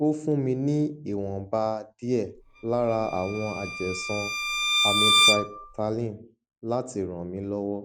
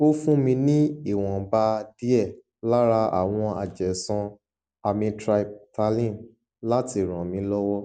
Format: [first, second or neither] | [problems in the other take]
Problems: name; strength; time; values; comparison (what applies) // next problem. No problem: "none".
second | background sound (Bowed string instrument); 3 dB above the speech